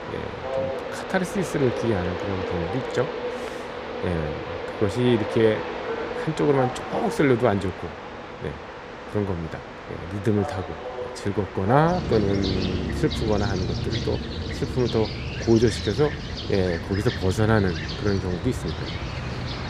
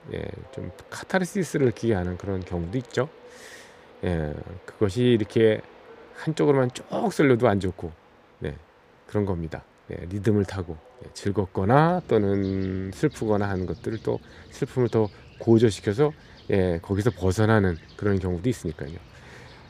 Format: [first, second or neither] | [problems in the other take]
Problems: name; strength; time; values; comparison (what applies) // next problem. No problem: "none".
second | train or aircraft noise; loud; throughout; 6 dB below the speech; faint in the second